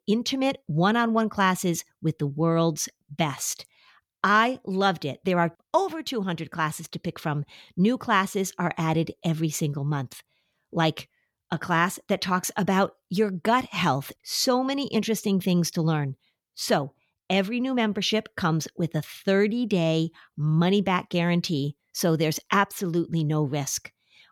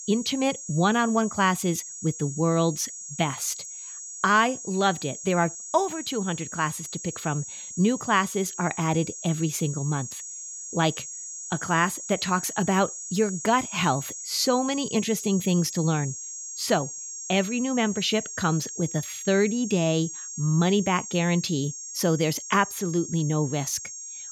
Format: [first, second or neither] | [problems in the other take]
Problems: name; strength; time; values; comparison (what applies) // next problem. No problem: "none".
first | high-pitched whine; loud; throughout; 6.5 kHz, 9 dB below the speech